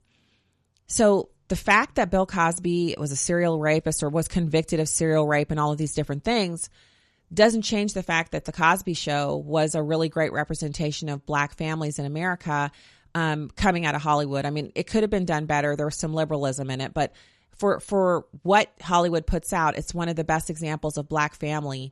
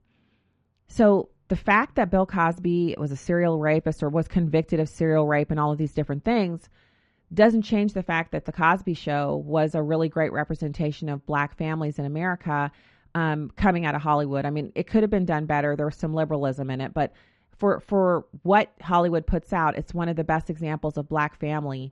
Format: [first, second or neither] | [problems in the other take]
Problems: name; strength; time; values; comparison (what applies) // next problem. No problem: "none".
first | muffled; very; fading above 2 kHz